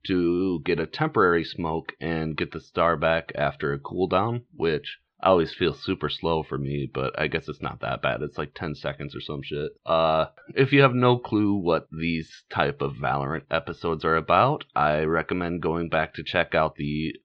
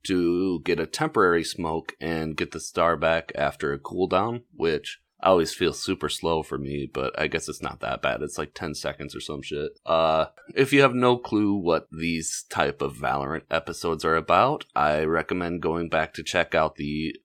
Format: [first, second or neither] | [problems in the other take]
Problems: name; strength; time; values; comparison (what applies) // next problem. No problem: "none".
second | muffled; slightly; fading above 4 kHz